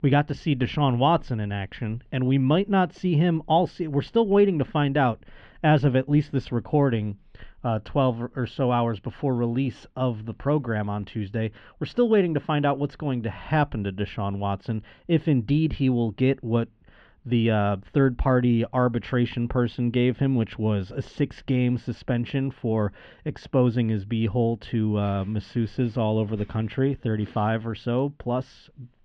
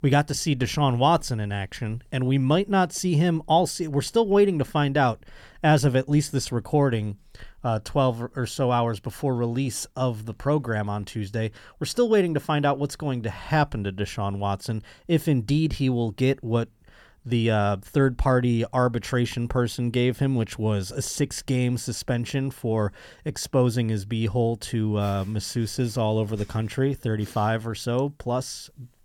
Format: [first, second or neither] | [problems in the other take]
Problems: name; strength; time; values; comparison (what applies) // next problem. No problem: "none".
second | muffled; very; fading above 3 kHz